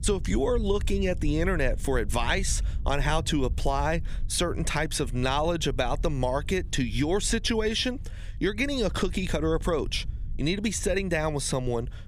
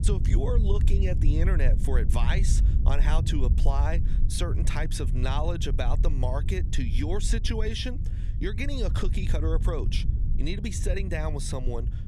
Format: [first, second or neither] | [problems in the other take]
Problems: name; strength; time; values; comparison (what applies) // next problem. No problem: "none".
first | low rumble; loud; throughout; 9 dB below the speech; faint in the first